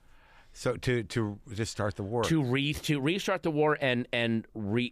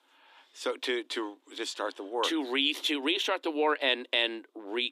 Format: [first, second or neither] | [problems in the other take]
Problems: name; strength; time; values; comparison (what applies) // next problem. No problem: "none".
first | thin; somewhat; fading below 250 Hz